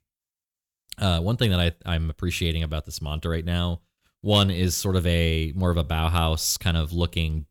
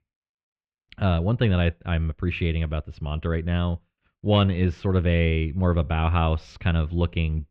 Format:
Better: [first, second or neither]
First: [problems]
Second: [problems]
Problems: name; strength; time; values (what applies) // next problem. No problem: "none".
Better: first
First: none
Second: muffled; very; fading above 2.5 kHz